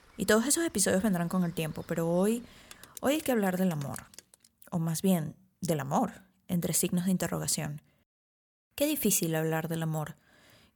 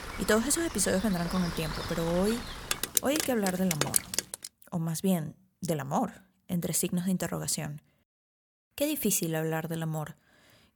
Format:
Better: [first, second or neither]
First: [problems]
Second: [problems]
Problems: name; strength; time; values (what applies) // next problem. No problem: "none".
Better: first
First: rain or running water; faint; until 4.5 s; 25 dB below the speech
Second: rain or running water; loud; until 4.5 s; 3 dB below the speech